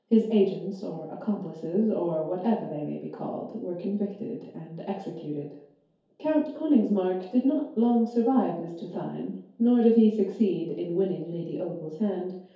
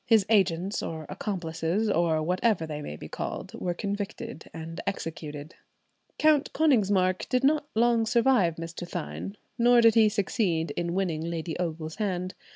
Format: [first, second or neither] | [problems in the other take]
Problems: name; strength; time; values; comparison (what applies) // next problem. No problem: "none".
second | room echo; dies away in 2.4 s